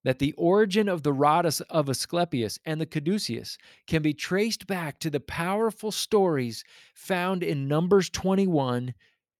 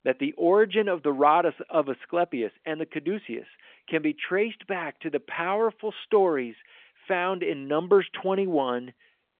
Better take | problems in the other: first | phone-call audio; nothing above 3.5 kHz

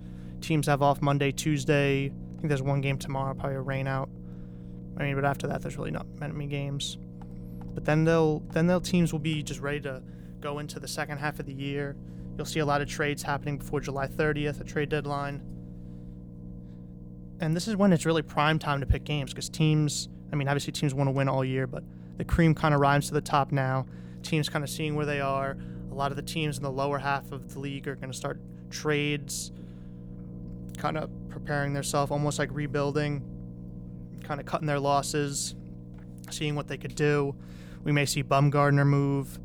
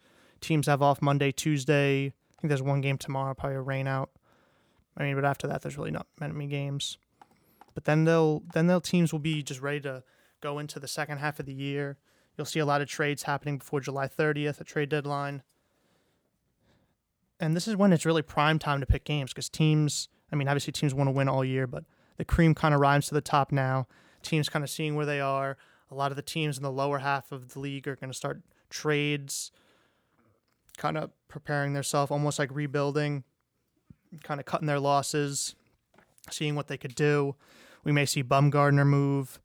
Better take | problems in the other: second | low rumble; faint; throughout; 20 dB below the speech

